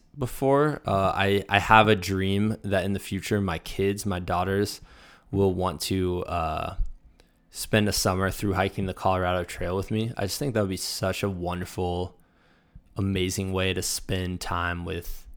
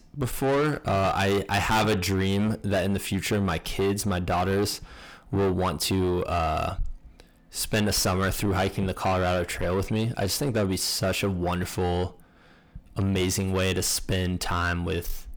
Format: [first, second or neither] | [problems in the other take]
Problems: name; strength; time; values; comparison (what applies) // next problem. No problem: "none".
first | distortion; heavy; 6 dB below the speech